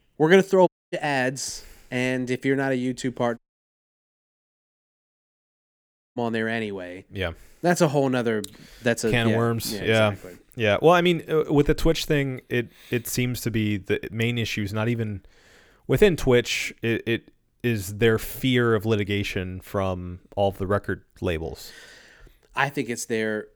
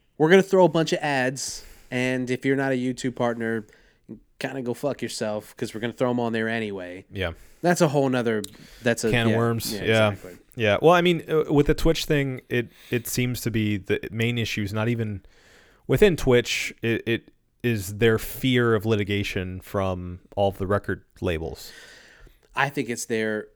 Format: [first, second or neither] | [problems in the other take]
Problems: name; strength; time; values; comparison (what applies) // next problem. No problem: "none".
second | audio cutting out; at 0.5 s and at 3.5 s for 3 s